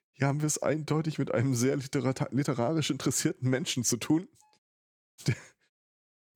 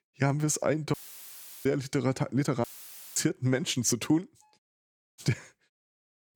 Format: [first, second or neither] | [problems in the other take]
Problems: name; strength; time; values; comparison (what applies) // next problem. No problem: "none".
first | audio cutting out; filled with static; at 1 s for 0.5 s and at 2.5 s for 0.5 s